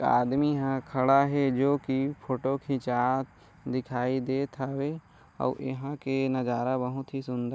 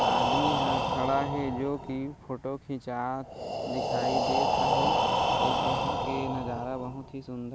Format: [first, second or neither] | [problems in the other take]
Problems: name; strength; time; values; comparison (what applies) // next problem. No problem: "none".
first | background sound (Breathing); 4 dB above the speech